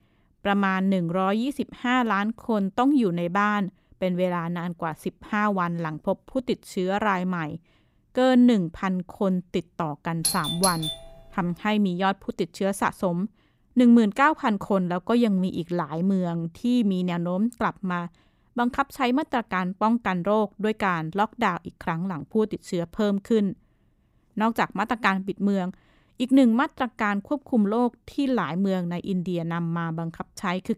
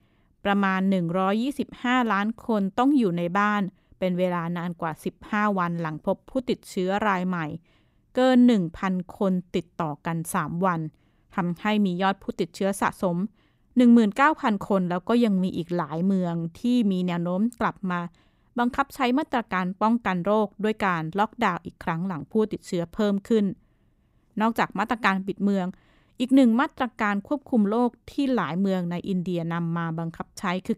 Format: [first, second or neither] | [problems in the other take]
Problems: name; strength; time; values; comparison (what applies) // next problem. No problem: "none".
second | doorbell; noticeable; at 10 s; peak 1 dB below the speech